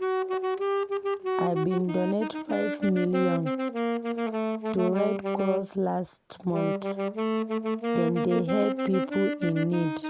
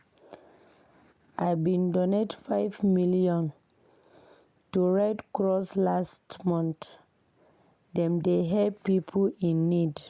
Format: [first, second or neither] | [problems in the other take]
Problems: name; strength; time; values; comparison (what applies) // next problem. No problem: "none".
second | background sound (Wind instrument, woodwind instrument); as loud as the speech